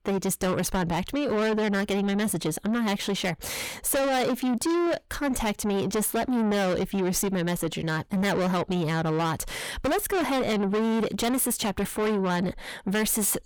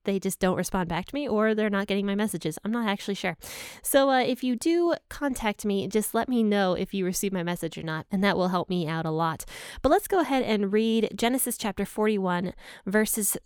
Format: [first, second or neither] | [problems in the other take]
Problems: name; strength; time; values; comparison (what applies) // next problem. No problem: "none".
second | distortion; heavy; 6 dB below the speech